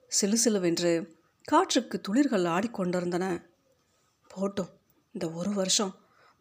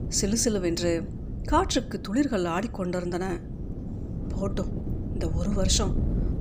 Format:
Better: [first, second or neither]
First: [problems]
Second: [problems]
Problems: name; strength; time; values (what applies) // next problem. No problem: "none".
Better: first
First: none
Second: wind noise on the microphone; occasional gusts; 15 dB below the speech